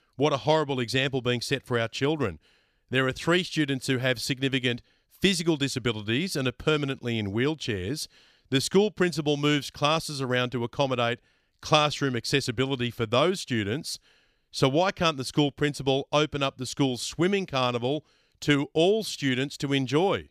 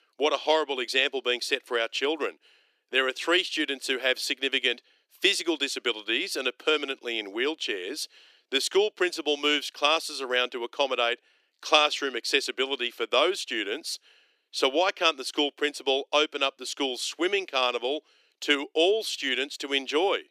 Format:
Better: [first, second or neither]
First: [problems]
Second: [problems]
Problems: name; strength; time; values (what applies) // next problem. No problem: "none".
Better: first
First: none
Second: thin; somewhat; fading below 300 Hz